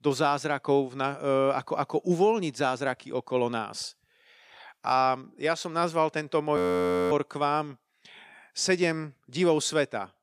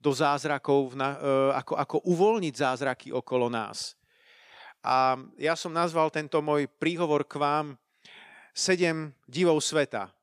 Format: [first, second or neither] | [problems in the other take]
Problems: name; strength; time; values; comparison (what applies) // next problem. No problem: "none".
second | audio freezing; at 6.5 s for 0.5 s